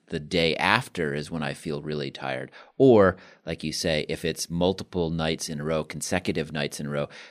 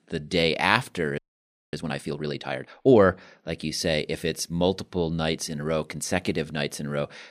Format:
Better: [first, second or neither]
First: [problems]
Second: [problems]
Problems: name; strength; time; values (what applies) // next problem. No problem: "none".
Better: first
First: none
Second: audio freezing; at 1 s for 0.5 s